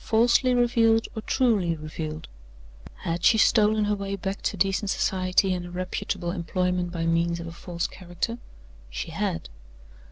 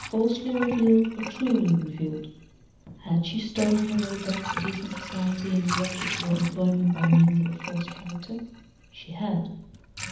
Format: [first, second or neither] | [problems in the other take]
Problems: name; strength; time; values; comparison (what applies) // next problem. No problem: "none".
first | background sound (Sink (filling or washing) / Water); 12 dB below the speech // room echo; dies away in 0.8 s